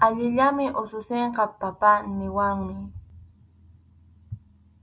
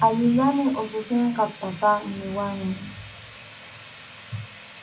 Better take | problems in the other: first | background sound (Sawing); 19 dB below the speech // room echo; dies away in 0.4 s

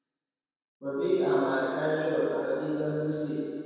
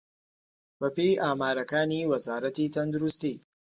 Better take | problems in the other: second | room echo; dies away in 2.2 s

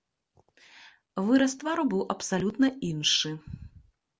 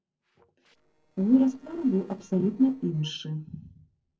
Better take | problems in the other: first | noise reduction (neural separator model SepFormer DNS4)

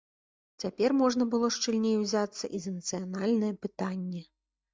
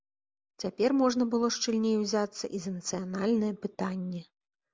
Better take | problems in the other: second | noise reduction (neural mask model DeepFilterNet 3)

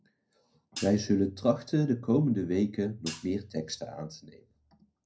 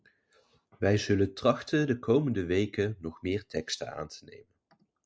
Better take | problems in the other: second | background sound (Hi-hat); 15 dB below the speech // room echo; dies away in 0.2 s

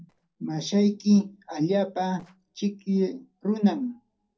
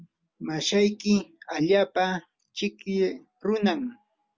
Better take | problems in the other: second | noise reduction (neural separator model SepFormer DNS4)

